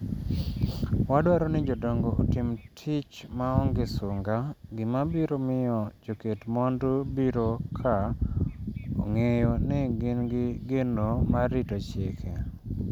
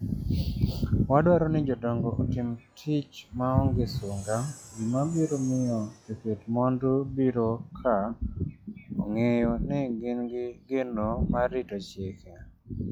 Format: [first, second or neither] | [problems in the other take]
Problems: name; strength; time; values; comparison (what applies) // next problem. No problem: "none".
first | noise reduction (classical method log-MMSE)